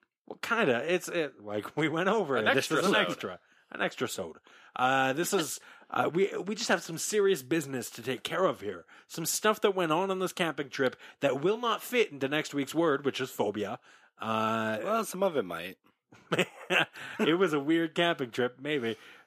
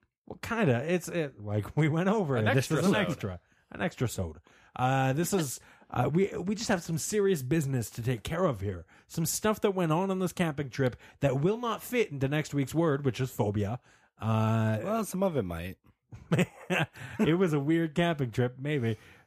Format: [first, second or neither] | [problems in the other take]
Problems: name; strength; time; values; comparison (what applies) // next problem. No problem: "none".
second | thin; somewhat; fading below 300 Hz